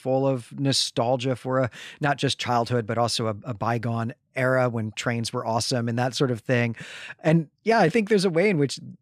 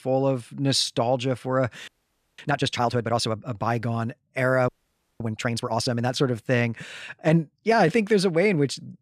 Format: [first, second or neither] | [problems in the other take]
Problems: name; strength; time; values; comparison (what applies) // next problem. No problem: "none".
first | audio freezing; at 2 s for 0.5 s and at 4.5 s for 0.5 s